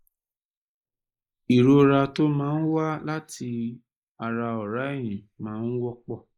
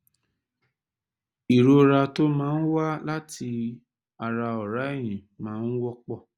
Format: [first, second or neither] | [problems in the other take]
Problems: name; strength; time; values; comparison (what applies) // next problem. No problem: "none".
second | noise reduction (neural mask model Resemble Enhance denoiser)